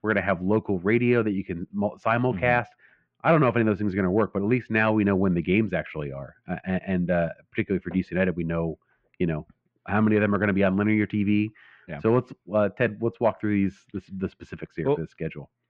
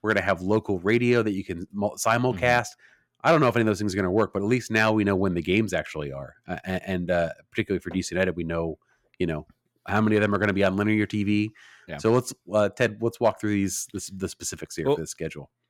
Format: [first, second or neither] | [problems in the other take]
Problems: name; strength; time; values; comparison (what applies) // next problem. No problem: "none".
second | muffled; very; fading above 2.5 kHz